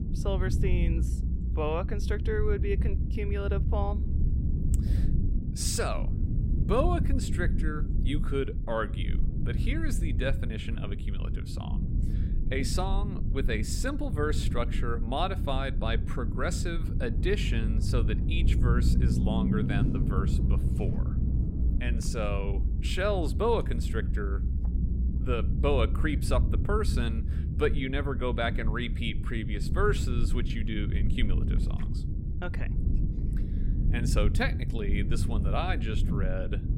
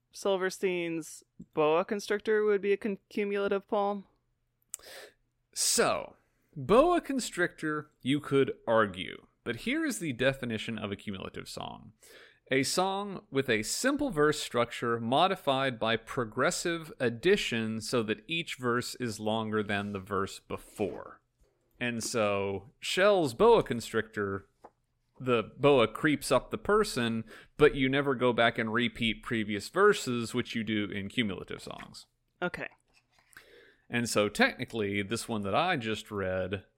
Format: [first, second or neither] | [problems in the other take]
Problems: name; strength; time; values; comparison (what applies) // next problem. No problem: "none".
second | low rumble; loud; throughout; 9 dB below the speech